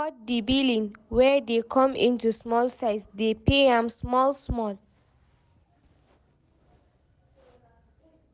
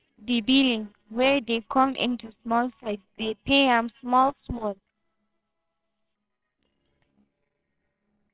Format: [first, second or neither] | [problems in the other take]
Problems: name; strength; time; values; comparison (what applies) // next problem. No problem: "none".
first | noise reduction (neural separator model SepFormer WHAMR!)